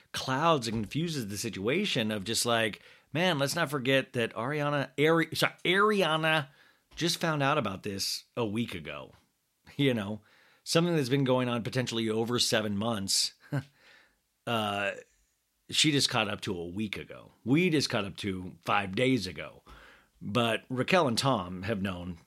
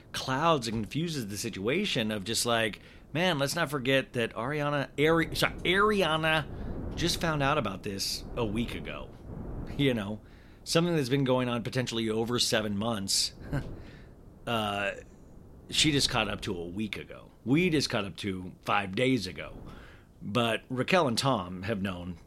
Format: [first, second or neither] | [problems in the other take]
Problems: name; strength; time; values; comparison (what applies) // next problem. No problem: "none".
first | wind noise on the microphone; occasional gusts; 25 dB below the speech